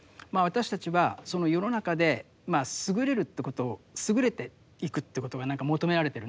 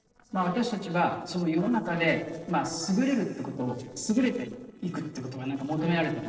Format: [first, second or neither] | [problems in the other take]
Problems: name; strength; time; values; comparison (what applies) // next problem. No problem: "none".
first | noise reduction (neural separator model SepFormer DNS4)